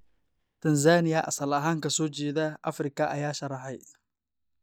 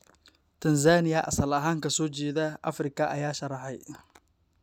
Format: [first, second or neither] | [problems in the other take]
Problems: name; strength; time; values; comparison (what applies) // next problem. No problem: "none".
second | noise reduction (neural mask model DeepFilterNet 3)